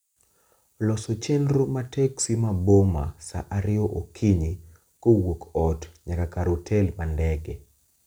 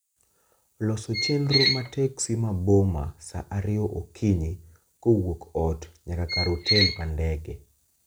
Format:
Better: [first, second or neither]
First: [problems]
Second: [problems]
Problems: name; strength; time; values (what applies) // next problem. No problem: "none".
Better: first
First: none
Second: background sound (Squeak); 1 dB above the speech